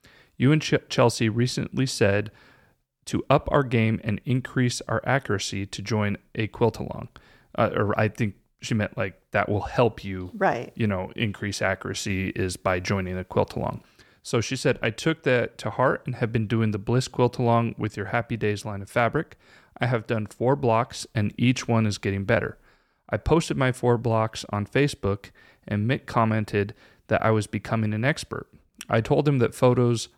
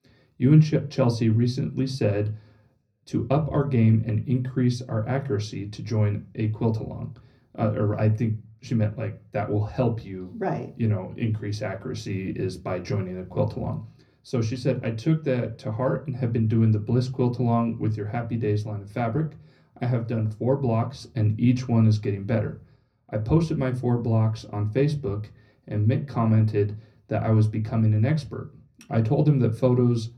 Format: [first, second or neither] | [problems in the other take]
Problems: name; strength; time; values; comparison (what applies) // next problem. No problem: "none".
first | room echo; very slight; dies away in 0.4 s // off-mic speech; somewhat distant